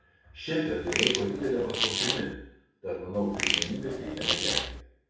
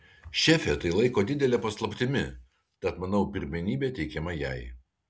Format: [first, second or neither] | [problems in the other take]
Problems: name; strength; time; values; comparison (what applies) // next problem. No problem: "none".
second | background sound (Fart); 1 dB above the speech // room echo; dies away in 0.7 s